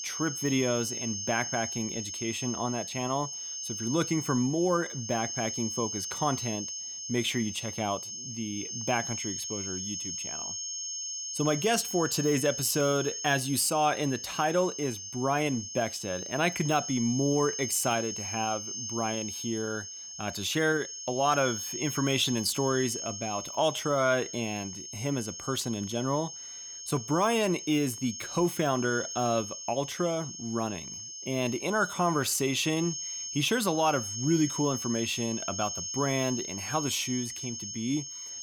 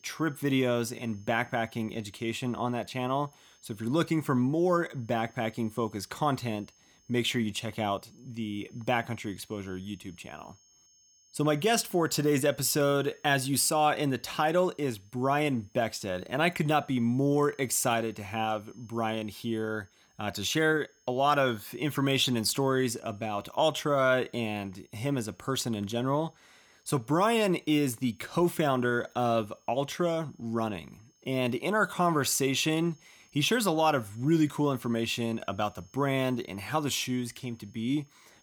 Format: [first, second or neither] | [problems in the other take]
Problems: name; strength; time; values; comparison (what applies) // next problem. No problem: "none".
second | high-pitched whine; loud; throughout; 6.5 kHz, 5 dB below the speech; faint in the second